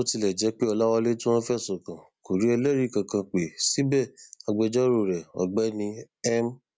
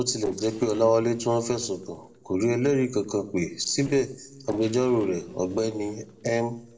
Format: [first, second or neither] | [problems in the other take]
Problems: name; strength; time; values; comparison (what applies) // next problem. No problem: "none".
first | noise reduction (neural separator model SepFormer DNS4)